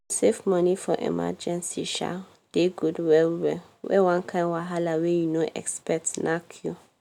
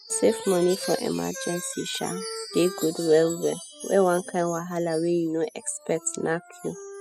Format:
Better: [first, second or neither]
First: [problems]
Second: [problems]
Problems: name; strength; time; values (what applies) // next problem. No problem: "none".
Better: first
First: none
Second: noise reduction (classical method spectral subtraction)